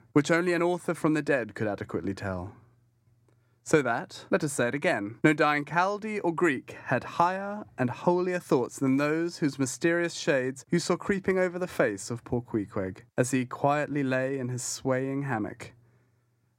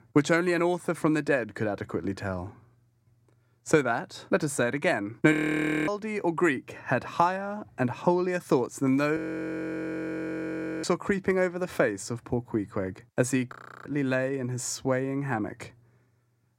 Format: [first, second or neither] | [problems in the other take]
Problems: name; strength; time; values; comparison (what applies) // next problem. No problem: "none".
first | audio freezing; at 5.5 s for 0.5 s, at 9 s for 1.5 s and at 14 s